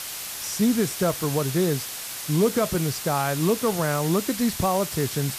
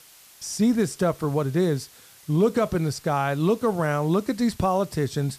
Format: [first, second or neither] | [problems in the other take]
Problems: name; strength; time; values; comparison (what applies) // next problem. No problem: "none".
second | hiss; loud; throughout; 6 dB below the speech; faint in the second